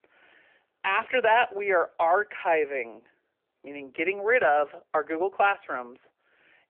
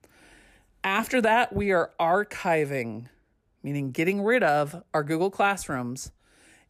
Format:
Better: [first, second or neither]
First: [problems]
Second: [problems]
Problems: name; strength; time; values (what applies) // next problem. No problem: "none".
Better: second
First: phone-call audio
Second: none